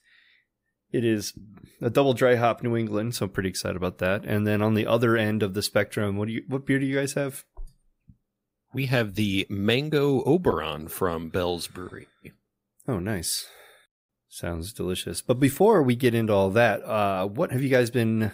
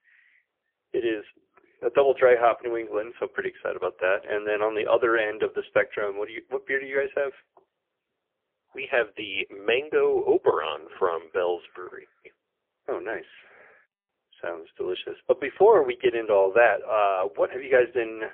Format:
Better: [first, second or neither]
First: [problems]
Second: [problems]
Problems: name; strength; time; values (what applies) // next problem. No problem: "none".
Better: first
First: none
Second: phone-call audio; poor line; nothing above 3.5 kHz